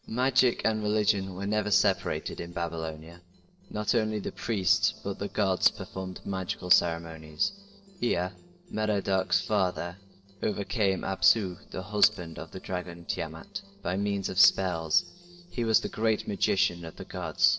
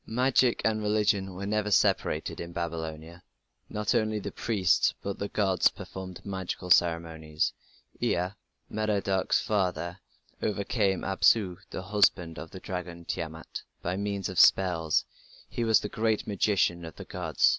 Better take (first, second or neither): second